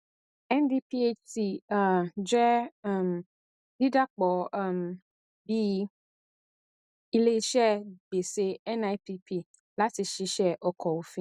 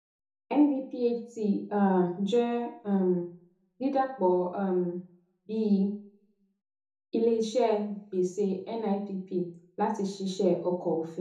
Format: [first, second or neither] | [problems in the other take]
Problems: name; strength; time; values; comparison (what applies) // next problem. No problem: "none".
first | room echo; dies away in 1 s